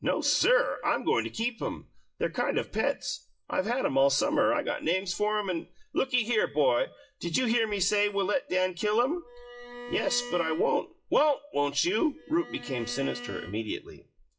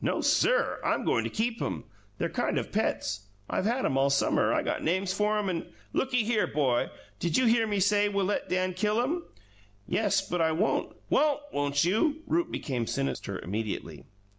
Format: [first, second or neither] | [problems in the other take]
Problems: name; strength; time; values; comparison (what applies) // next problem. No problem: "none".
second | noise reduction (classical method WPE with log-MMSE)